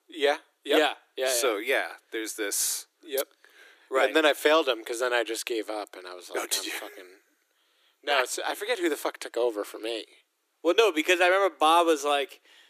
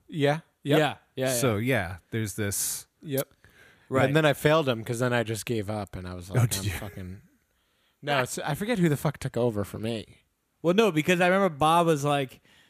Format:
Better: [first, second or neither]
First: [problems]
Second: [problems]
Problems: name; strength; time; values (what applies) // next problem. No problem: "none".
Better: second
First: thin; very; fading below 300 Hz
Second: none